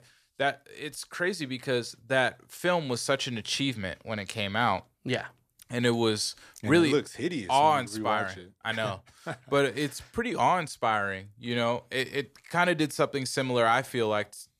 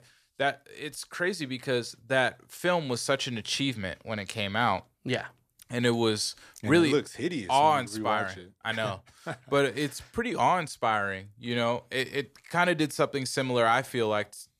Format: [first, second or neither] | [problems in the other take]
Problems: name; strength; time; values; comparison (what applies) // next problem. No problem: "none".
neither | none